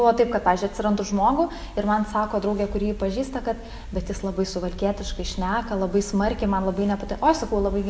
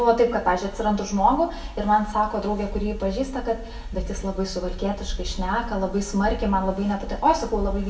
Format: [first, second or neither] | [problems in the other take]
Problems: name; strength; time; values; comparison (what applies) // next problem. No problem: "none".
first | room echo; dies away in 0.2 s